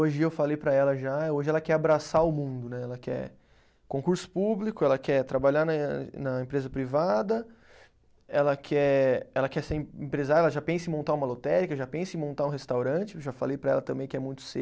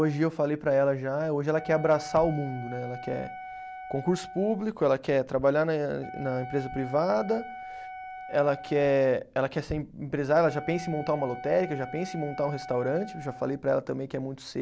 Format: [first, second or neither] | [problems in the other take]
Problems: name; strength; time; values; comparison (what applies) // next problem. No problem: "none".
first | background sound (Wind instrument, woodwind instrument); 14 dB below the speech